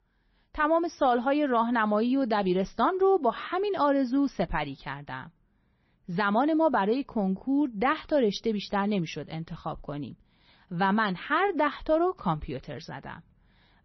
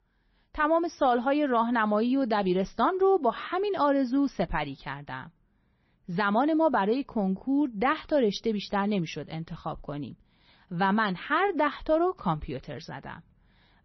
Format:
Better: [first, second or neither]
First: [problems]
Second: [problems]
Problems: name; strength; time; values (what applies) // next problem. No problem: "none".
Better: neither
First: garbled, watery; slightly; nothing above 6 kHz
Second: garbled, watery; slightly; nothing above 6 kHz